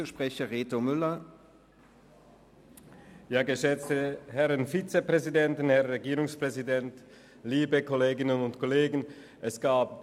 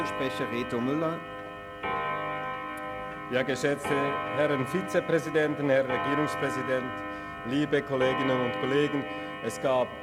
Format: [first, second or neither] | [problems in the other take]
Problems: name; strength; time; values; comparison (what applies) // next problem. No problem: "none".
first | background sound (Clock); 5 dB below the speech